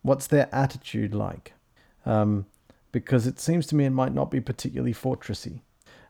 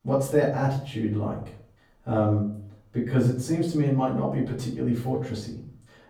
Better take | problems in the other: first | room echo; slight; dies away in 0.5 s // off-mic speech; far

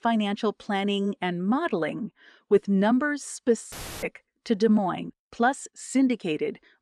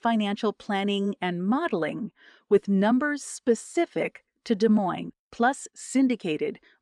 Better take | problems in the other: second | audio cutting out; filled with static; at 3.5 s

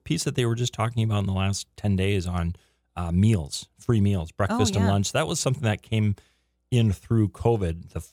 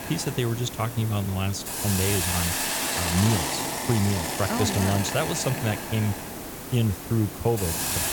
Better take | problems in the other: first | hiss; loud; throughout; 2 dB below the speech

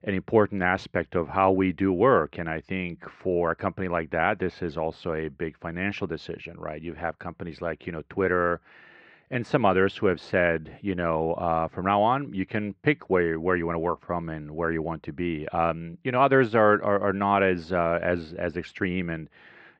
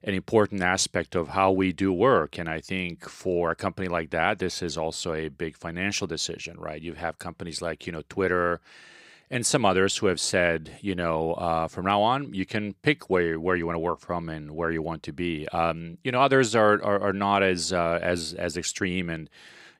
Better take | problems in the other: second | muffled; very; fading above 2.5 kHz

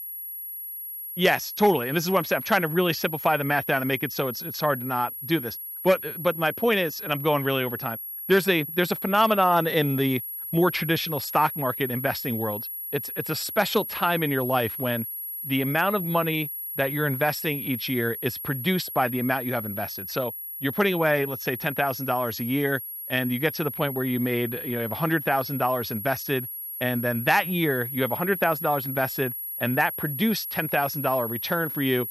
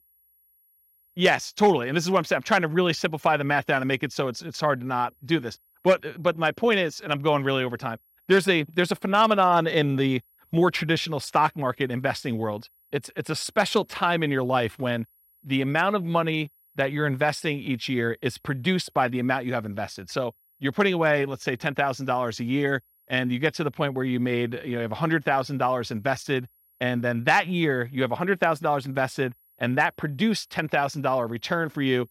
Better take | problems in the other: second | high-pitched whine; loud; throughout; 11.5 kHz, 6 dB below the speech; faint in the second

